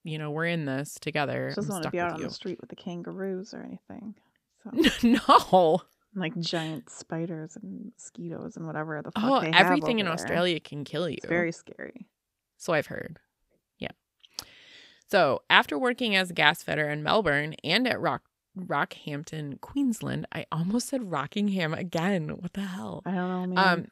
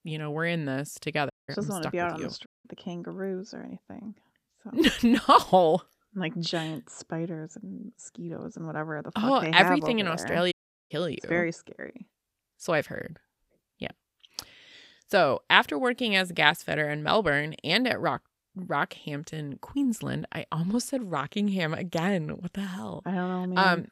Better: first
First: none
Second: audio cutting out; at 1.5 s, at 2.5 s and at 11 s

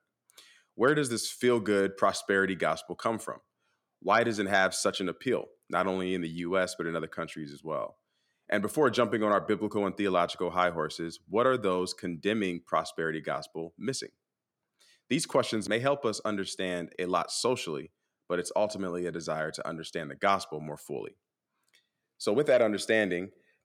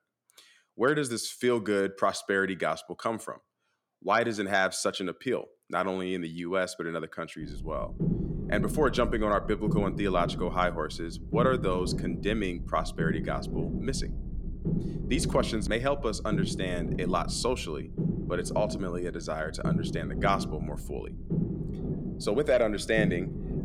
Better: first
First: none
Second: low rumble; noticeable; from 7.5 s on; 10 dB below the speech

